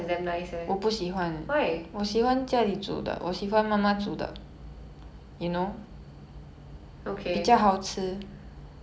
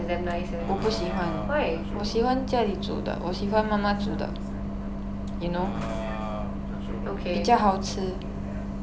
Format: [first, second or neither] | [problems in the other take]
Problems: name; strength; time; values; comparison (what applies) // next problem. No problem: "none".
first | background sound (Bus); 3 dB below the speech